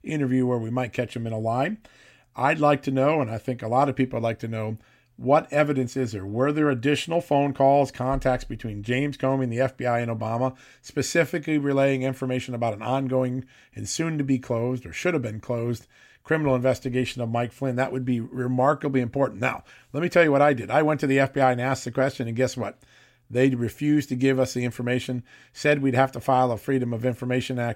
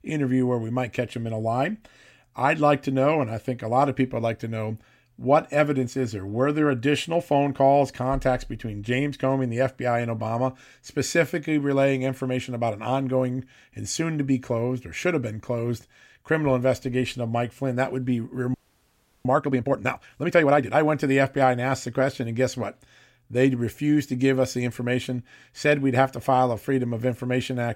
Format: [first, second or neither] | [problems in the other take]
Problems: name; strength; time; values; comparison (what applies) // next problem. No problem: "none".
first | audio freezing; at 19 s for 0.5 s